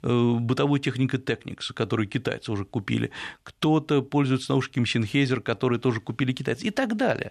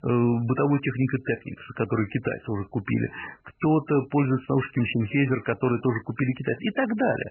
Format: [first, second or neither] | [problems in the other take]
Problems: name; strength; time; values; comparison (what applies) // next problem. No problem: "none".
first | garbled, watery; badly; nothing above 3 kHz